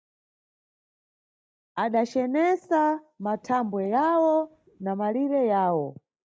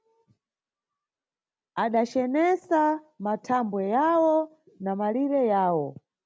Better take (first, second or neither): second